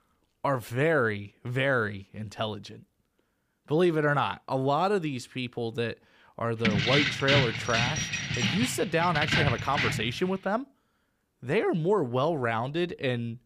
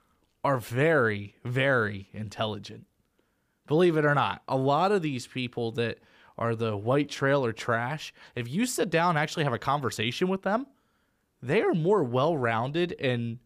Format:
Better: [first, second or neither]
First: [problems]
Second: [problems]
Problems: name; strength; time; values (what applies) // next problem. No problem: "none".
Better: second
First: jangling keys; loud; from 6.5 to 10 s; peak 4 dB above the speech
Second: none